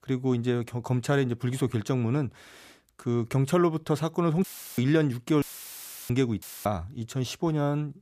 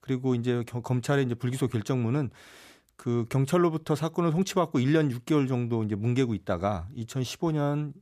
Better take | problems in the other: second | audio cutting out; filled with static; at 4.5 s, at 5.5 s for 0.5 s and at 6.5 s

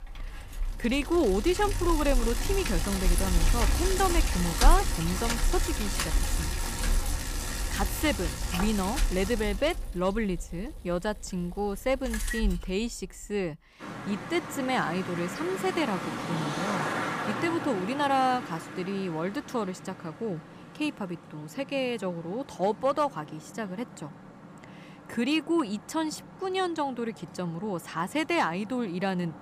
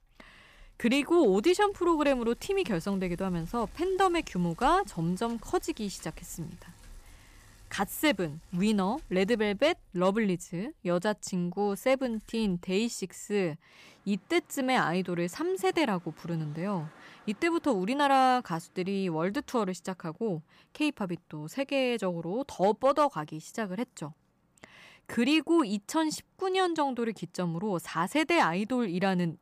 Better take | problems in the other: second | traffic noise; loud; throughout; 2 dB below the speech; faint in the second

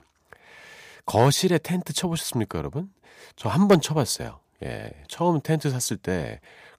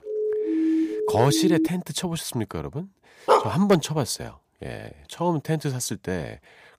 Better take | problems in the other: first | siren; loud; until 1.5 s; peak 3 dB above the speech // dog barking; loud; at 3.5 s; peak 5 dB above the speech

